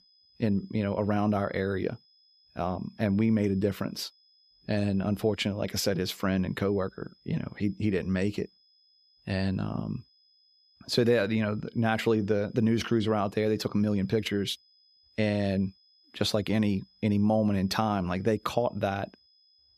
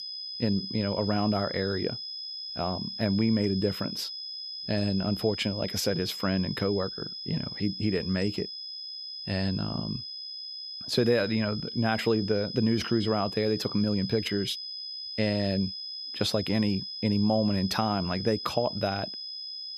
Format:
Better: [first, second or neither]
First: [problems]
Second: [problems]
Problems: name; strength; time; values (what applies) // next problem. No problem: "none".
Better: first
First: high-pitched whine; faint; throughout; 5 kHz, 30 dB below the speech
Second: high-pitched whine; loud; throughout; 5 kHz, 6 dB below the speech